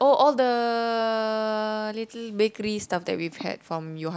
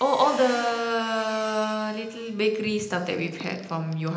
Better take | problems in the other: first | background sound (Squeak); 19 dB below the speech // room echo; dies away in 0.9 s

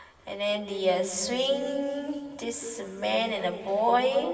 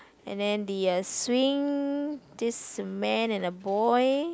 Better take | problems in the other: second | room echo; dies away in 2.6 s

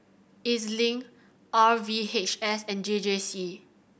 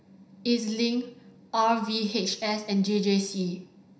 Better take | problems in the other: first | room echo; dies away in 0.5 s

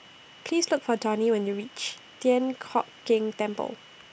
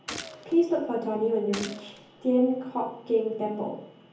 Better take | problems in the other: first | background sound (Gunshot, gunfire); 15 dB below the speech // room echo; dies away in 0.7 s

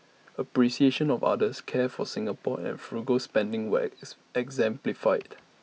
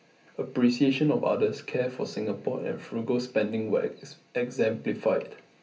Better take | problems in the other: first | room echo; dies away in 0.3 s

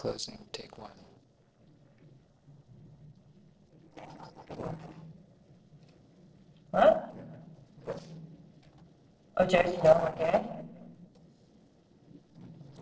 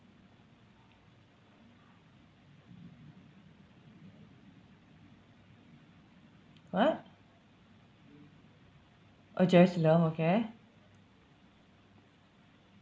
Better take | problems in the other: second | noise reduction (neural separator model SepFormer DNS4)

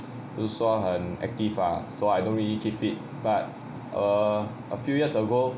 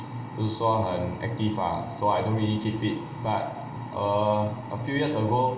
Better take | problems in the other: first | room echo; dies away in 0.9 s

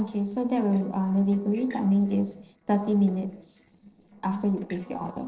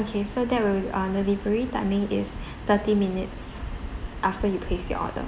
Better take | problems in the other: second | noise reduction (neural separator model SepFormer DNS4)

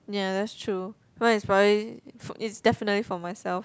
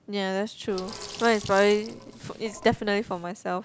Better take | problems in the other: first | background sound (Sink (filling or washing)); 16 dB below the speech

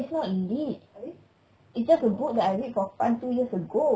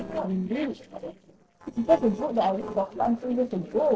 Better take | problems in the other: first | noise reduction (neural separator model SepFormer DNS4)

